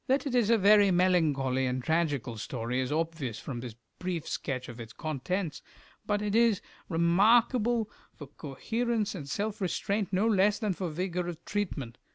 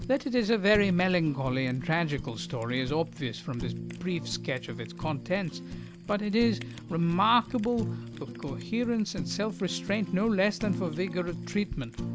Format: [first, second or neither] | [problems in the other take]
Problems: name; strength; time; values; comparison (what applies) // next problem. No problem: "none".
first | background sound (Fire); 10 dB below the speech